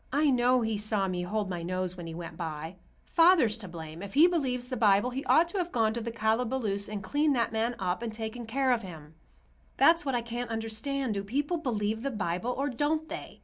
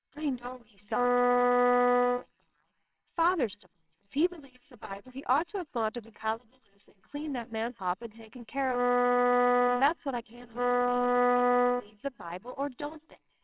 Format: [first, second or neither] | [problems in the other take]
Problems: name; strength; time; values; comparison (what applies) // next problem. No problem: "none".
first | noise reduction (neural separator model SepFormer WHAMR!)